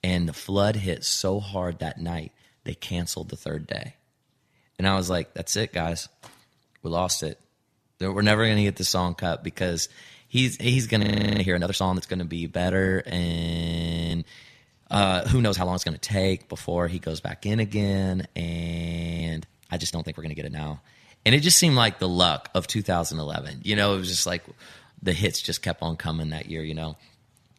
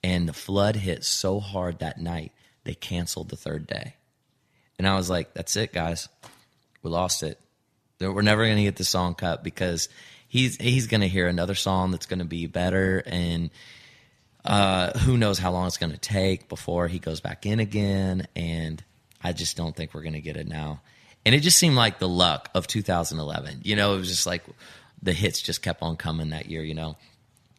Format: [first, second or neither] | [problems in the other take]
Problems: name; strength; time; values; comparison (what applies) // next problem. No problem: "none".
second | audio freezing; at 11 s, at 13 s for 1 s and at 18 s for 1 s